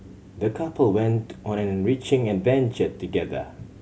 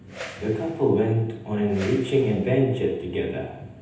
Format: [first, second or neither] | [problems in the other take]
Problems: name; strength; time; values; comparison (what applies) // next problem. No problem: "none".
first | background sound (Whoosh, swoosh, swish); 17 dB below the speech // room echo; dies away in 0.9 s